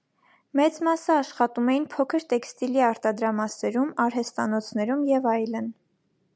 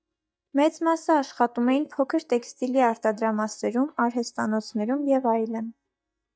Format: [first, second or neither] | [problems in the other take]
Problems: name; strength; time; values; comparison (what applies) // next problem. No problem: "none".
first | noise reduction (neural mask model DeepFilterNet 3)